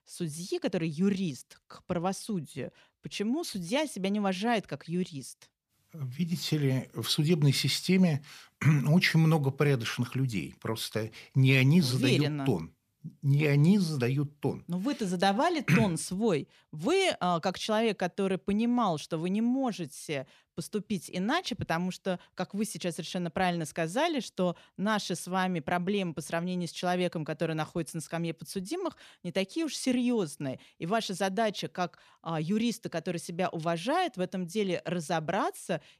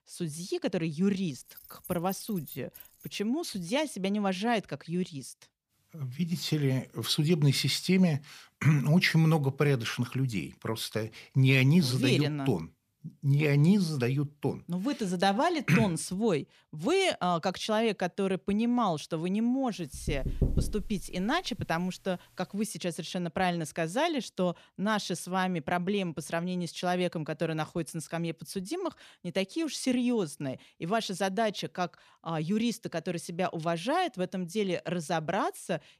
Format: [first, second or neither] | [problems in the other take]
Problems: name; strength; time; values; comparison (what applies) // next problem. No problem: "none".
first | jangling keys; faint; from 1.5 to 3 s; peak 15 dB below the speech // door banging; noticeable; from 20 to 21 s; peak 1 dB below the speech